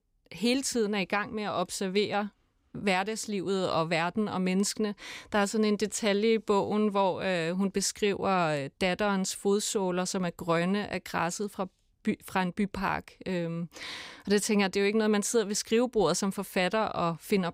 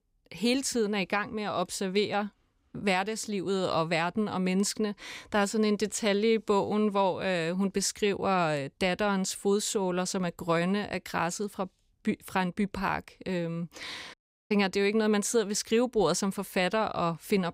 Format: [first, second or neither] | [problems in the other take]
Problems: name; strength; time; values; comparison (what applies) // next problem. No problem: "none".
first | audio cutting out; at 14 s